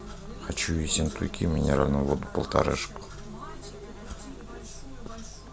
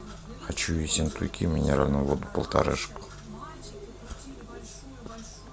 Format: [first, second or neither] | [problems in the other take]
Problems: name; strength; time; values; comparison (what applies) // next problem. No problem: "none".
second | background sound (Insect); 14 dB below the speech